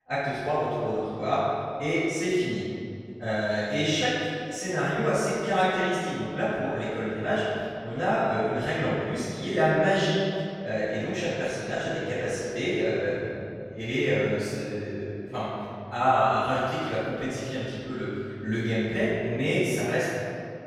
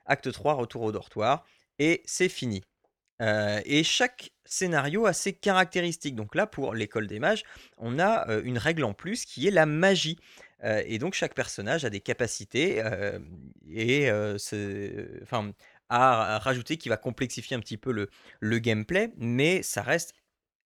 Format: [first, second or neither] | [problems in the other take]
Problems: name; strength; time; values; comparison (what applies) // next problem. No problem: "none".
second | room echo; strong; dies away in 2.3 s // off-mic speech; far